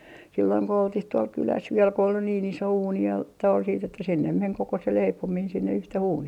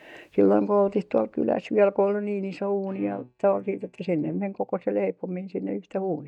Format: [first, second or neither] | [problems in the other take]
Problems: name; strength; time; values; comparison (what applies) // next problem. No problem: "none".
first | noise reduction (neural mask model DeepFilterNet 3)